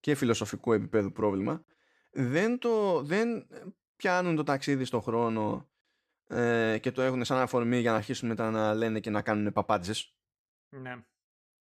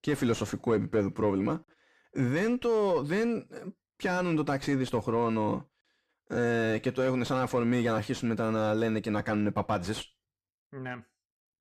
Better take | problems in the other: first | distortion; slight; 10 dB below the speech

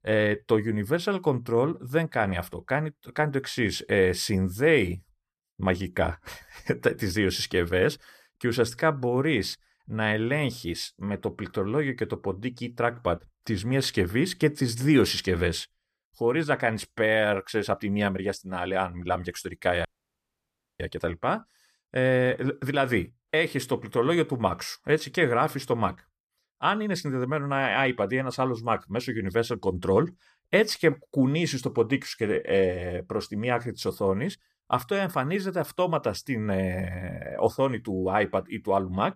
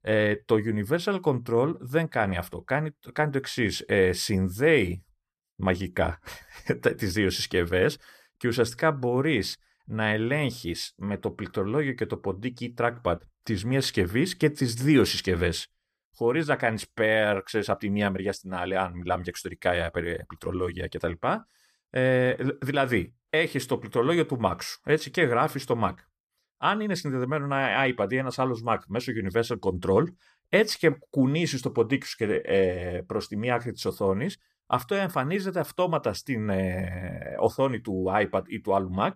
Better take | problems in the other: second | audio cutting out; at 20 s for 1 s

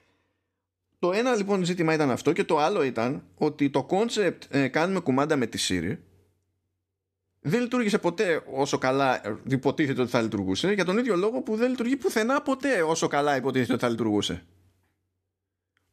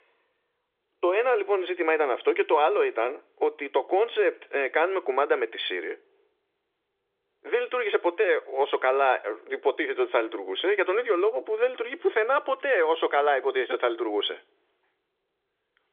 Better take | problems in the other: first | phone-call audio; nothing above 3.5 kHz

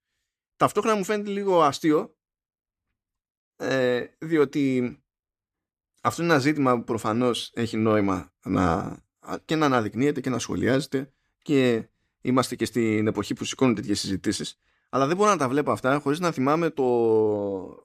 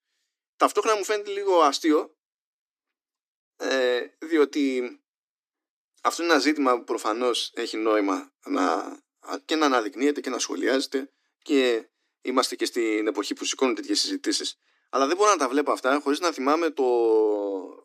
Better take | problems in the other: first | thin; very slightly; fading below 250 Hz

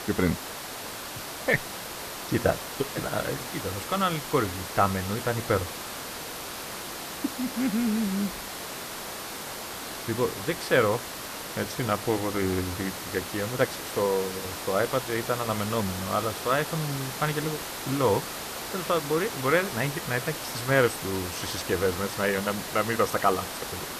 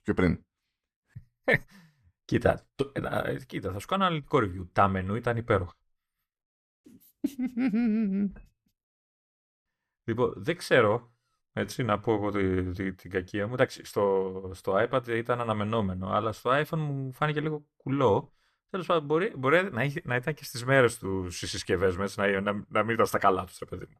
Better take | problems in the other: second | hiss; loud; throughout; 6 dB below the speech

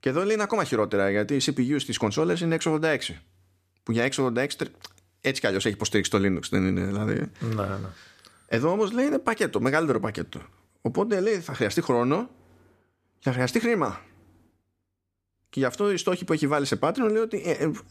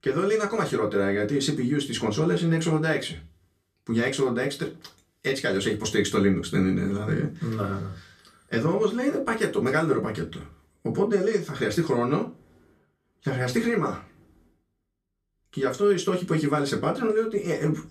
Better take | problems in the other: first | off-mic speech; far // room echo; very slight; dies away in 0.2 s

